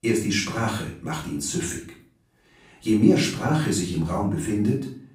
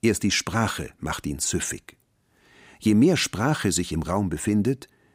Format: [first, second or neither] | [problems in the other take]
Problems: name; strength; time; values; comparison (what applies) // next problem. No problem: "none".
second | off-mic speech; far // room echo; slight; dies away in 0.4 s